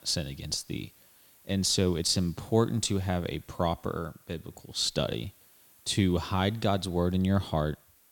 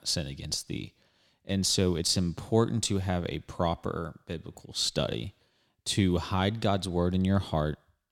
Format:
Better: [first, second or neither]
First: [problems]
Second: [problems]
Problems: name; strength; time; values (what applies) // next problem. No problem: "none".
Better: second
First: hiss; faint; throughout; 25 dB below the speech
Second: none